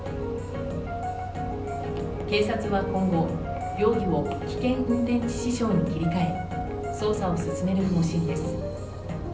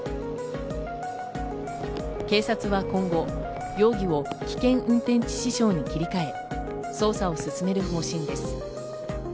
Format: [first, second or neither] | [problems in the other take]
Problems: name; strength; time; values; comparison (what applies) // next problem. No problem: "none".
second | background sound (Bus); 10 dB below the speech // room echo; dies away in 0.6 s